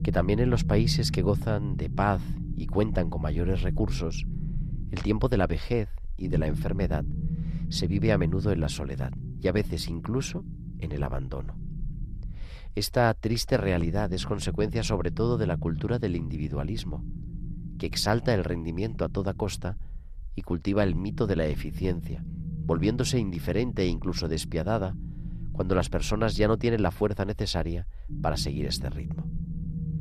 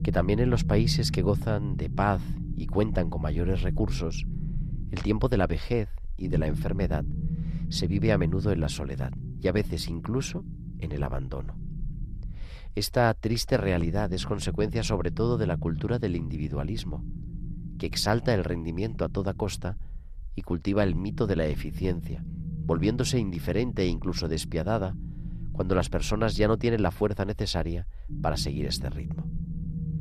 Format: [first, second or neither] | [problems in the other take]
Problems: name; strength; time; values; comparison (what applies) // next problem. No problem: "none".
neither | low rumble; noticeable; throughout; 15 dB below the speech; the same in both